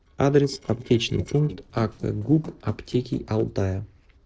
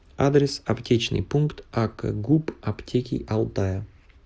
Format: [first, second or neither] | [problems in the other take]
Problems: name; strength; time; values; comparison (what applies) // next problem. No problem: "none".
second | noise reduction (neural separator model SepFormer DNS4)